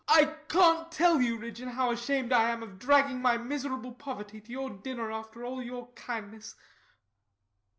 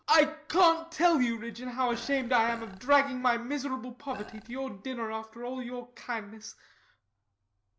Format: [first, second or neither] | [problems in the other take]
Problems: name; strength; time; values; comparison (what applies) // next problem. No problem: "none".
first | background sound (Burping, eructation); 18 dB below the speech